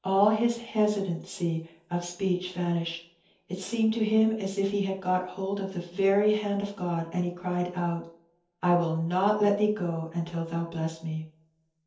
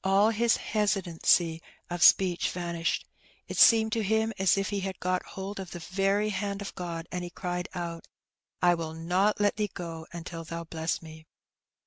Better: second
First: room echo; dies away in 0.5 s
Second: none

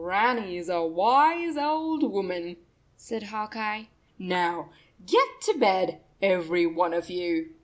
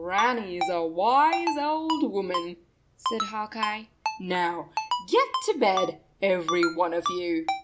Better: first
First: none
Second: background sound (Ringtone); 6 dB below the speech

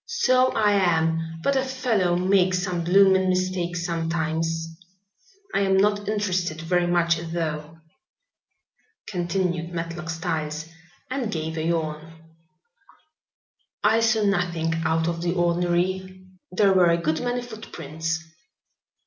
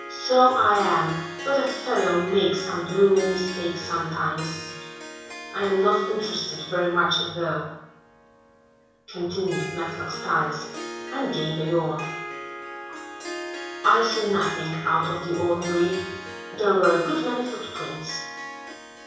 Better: first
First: none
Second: background sound (Harp); 11 dB below the speech // room echo; dies away in 0.7 s

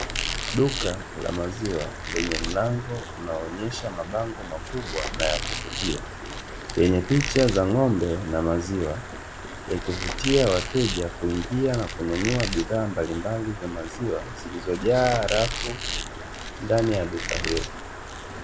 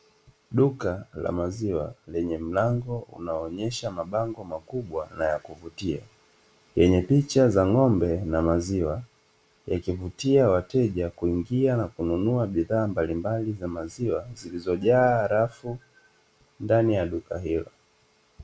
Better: second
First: background sound (Squeak + Stream); 6 dB below the speech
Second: none

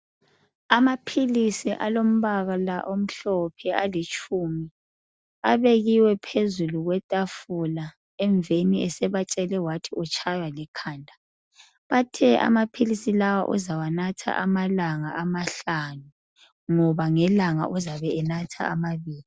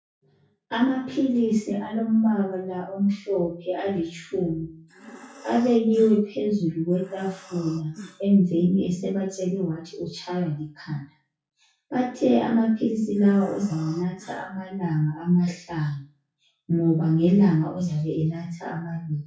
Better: first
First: none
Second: noise reduction (classical method WPE with log-MMSE)

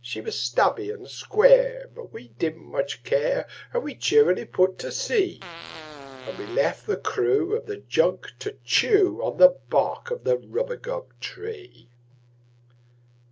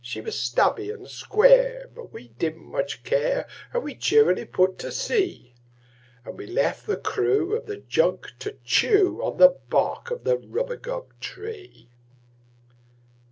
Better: second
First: background sound (Fart); 16 dB below the speech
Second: none

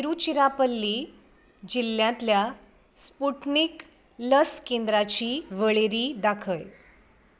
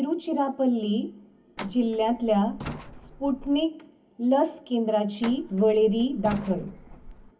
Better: first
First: none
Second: background sound (Truck); 15 dB below the speech // room echo; dies away in 0.3 s

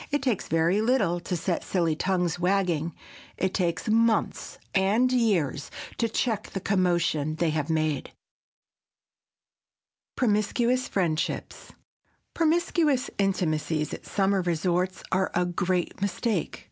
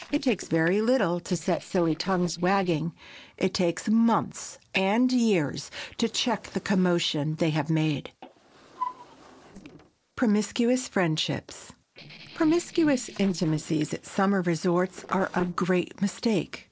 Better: first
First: none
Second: noise reduction (neural separator model SepFormer DNS4)

